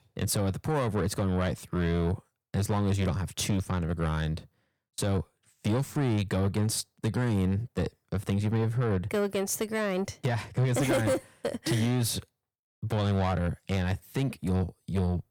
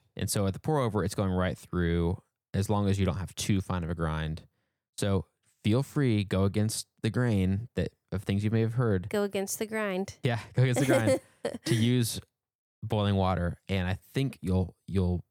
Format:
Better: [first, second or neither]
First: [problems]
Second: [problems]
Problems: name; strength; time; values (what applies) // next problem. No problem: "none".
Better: second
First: distortion; slight; 10 dB below the speech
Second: none